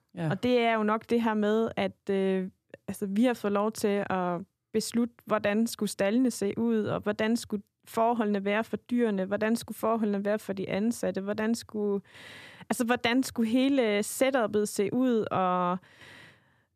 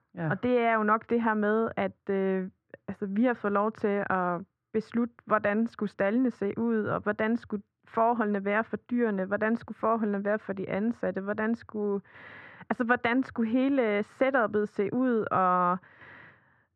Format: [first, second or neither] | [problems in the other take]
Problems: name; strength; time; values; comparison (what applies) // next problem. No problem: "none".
first | muffled; very; fading above 1.5 kHz